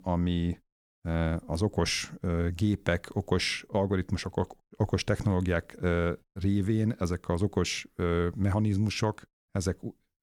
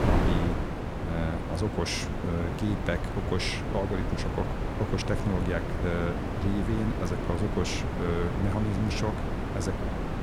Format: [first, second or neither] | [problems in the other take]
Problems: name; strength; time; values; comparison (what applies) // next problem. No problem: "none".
first | wind noise on the microphone; heavy; 1 dB below the speech